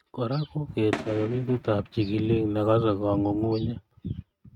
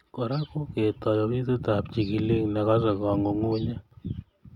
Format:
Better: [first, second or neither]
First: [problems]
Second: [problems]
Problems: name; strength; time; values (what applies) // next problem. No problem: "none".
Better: second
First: noise reduction (neural mask model RNNoise)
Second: none